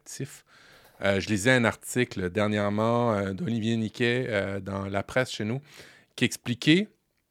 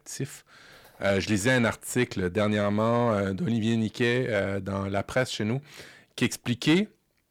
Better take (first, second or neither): first